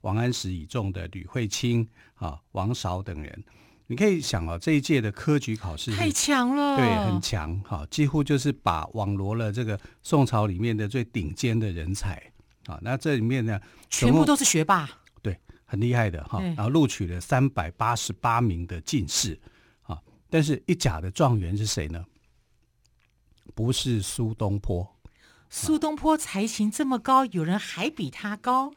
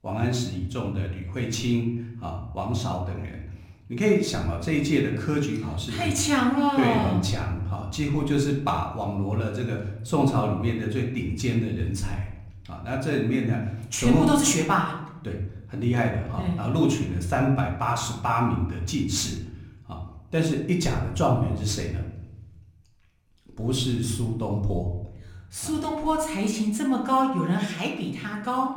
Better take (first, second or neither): first